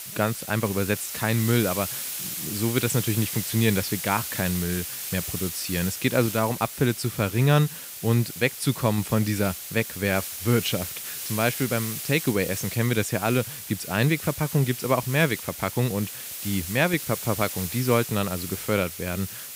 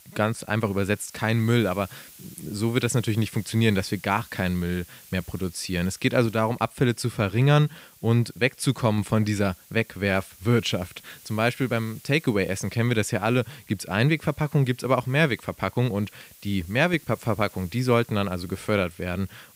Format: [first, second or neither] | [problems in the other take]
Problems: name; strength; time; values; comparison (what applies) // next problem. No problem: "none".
second | hiss; loud; throughout; 6 dB below the speech; faint in the second